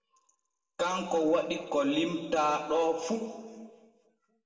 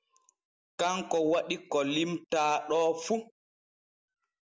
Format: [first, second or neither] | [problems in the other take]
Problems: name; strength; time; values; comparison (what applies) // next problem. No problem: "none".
second | room echo; dies away in 1.7 s